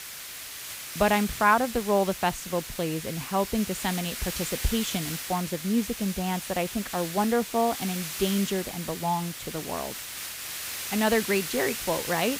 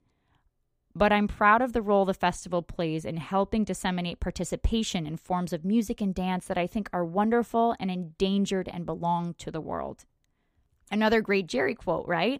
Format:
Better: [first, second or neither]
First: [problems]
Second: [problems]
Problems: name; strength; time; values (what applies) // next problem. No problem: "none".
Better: second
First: hiss; loud; throughout; 6 dB below the speech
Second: none